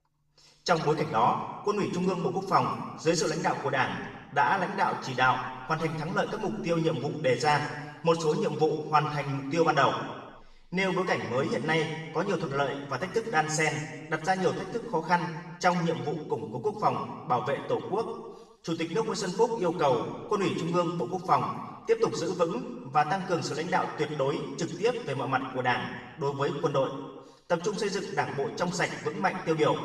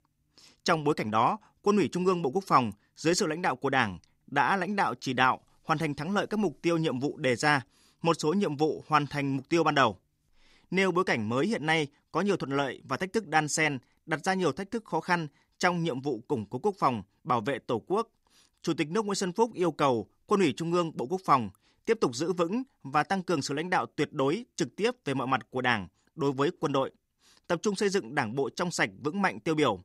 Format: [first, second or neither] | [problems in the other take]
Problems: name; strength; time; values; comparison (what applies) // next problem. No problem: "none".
second | room echo; noticeable; dies away in 1 s // off-mic speech; far